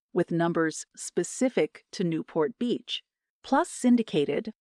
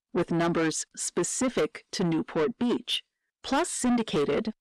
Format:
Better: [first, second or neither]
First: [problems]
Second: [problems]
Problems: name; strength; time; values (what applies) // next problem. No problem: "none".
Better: first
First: none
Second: distortion; heavy; 7 dB below the speech